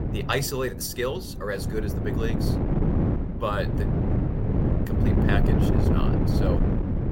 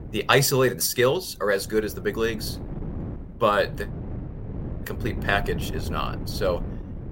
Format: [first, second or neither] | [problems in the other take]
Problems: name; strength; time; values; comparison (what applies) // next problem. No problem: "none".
second | wind noise on the microphone; heavy; 1 dB below the speech; occasional gusts in the second